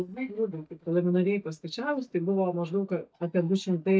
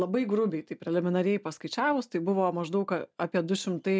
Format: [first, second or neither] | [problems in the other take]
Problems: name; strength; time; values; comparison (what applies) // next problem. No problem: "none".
second | noise reduction (neural mask model DeepFilterNet 3)